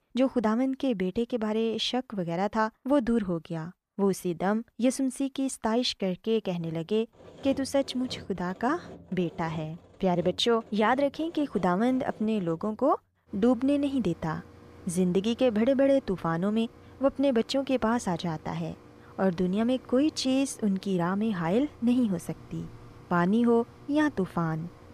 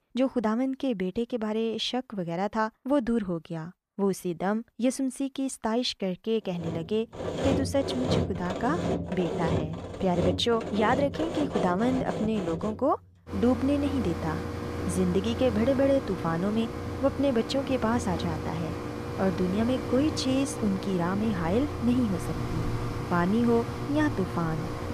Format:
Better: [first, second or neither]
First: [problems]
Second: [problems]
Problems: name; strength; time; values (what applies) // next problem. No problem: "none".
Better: first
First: machinery noise; faint; from 7 s on; 20 dB below the speech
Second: machinery noise; loud; from 7 s on; 5 dB below the speech